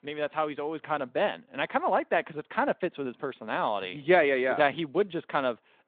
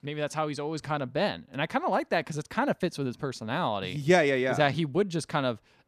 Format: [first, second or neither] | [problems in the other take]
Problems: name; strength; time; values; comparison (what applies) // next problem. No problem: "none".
second | phone-call audio; nothing above 3.5 kHz